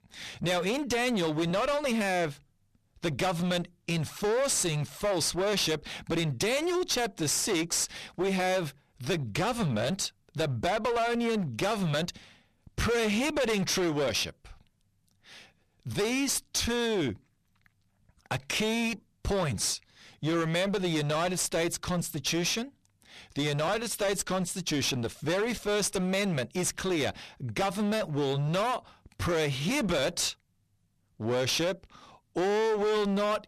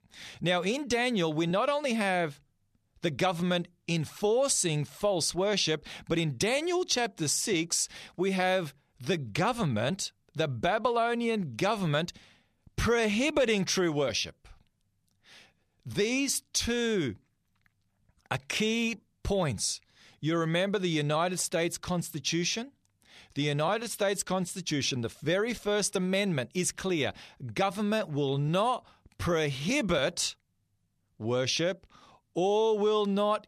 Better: second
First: distortion; heavy; 20% of the sound clipped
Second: none

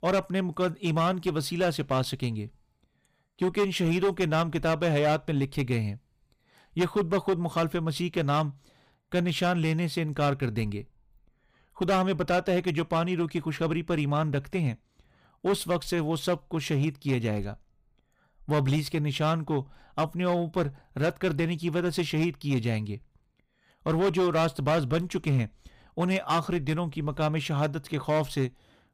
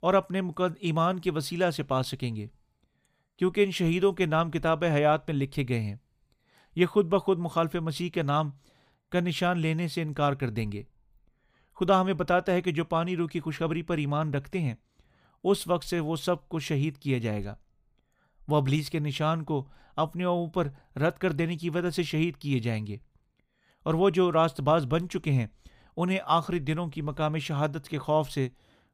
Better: second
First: distortion; slight; 8% of the sound clipped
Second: none

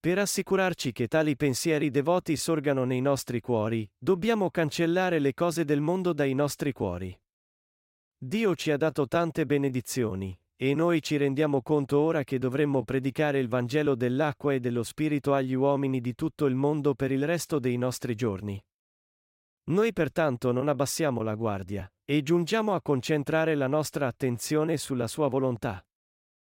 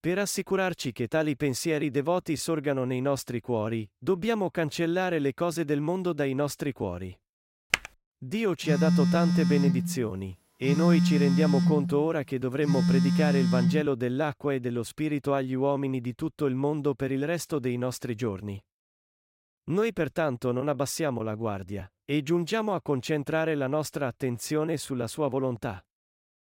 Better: first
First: none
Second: keyboard typing; very faint; at 7.5 s; peak level with the speech // phone ringing; loud; from 8.5 to 14 s; peak 6 dB above the speech

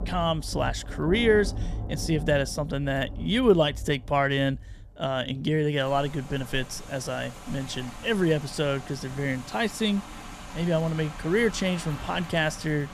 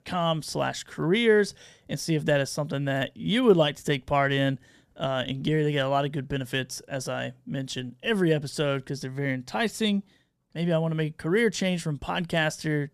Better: second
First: rain or running water; noticeable; throughout; 15 dB below the speech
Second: none

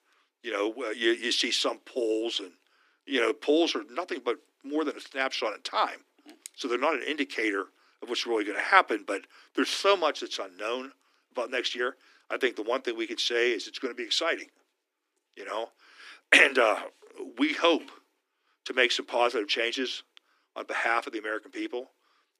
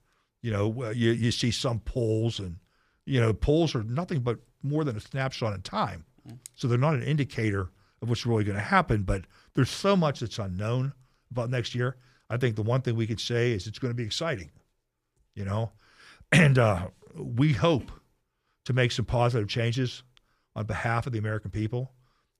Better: second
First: thin; somewhat; fading below 250 Hz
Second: none

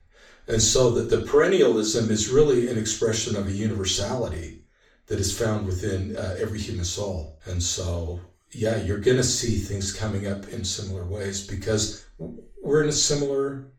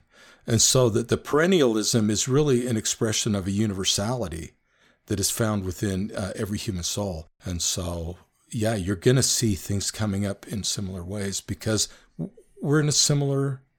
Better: second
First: room echo; slight; dies away in 0.4 s // off-mic speech; far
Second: none

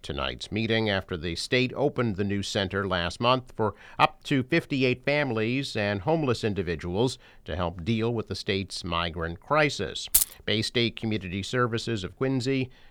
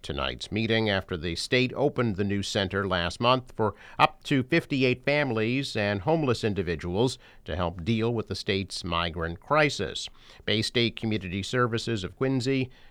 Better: second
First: jangling keys; loud; at 10 s; peak 5 dB above the speech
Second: none

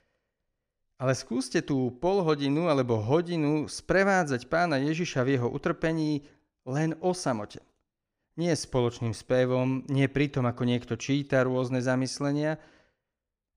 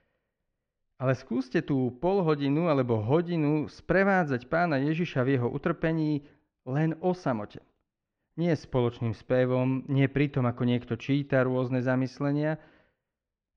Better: first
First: none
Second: muffled; slightly; fading above 3.5 kHz

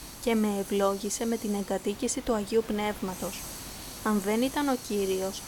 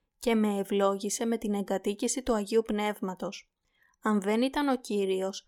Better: second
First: hiss; noticeable; throughout; 10 dB below the speech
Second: none

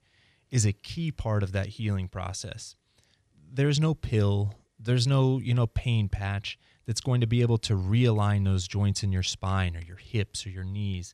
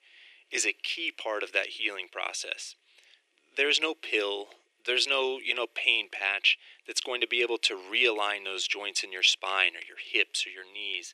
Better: first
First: none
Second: thin; very; fading below 350 Hz

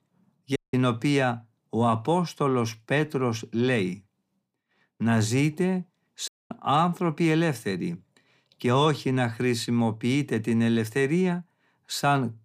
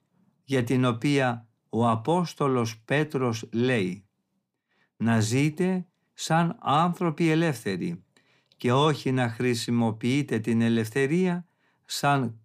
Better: second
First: audio cutting out; at 0.5 s and at 6.5 s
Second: none

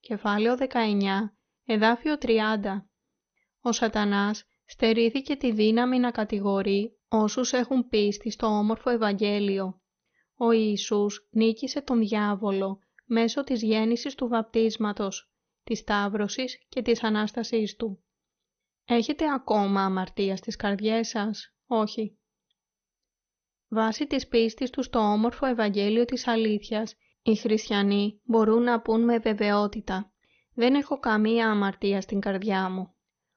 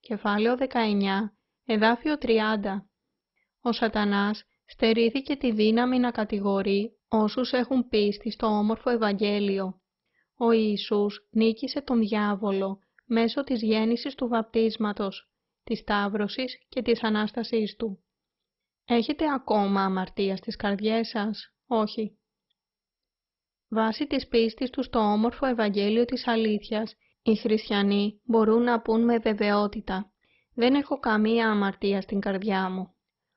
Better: first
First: garbled, watery; slightly; nothing above 6.5 kHz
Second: garbled, watery; badly; nothing above 5.5 kHz

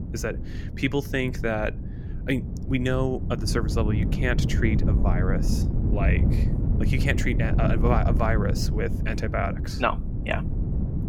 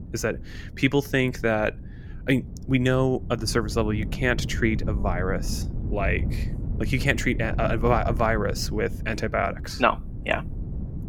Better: second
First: wind noise on the microphone; heavy; 8 dB below the speech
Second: wind noise on the microphone; occasional gusts; 20 dB below the speech

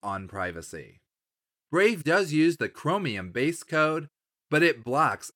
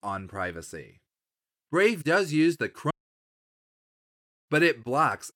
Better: first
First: none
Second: audio cutting out; at 3 s for 1.5 s

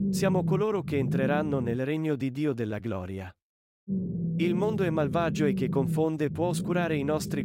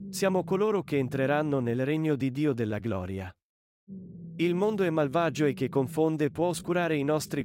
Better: second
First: low rumble; loud; until 2 s and from 4 s on; 10 dB below the speech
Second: low rumble; faint; until 2 s and from 4 s on; 25 dB below the speech

